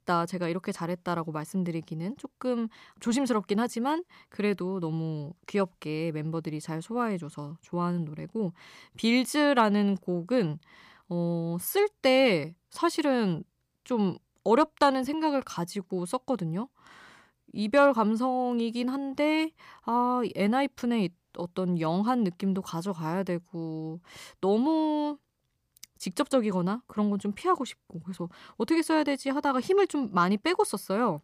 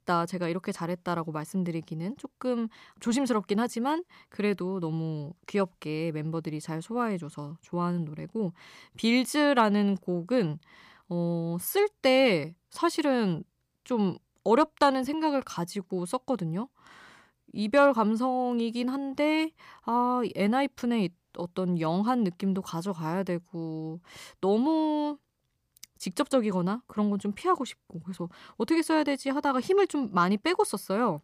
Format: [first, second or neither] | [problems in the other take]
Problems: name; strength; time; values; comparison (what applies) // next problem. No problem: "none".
neither | none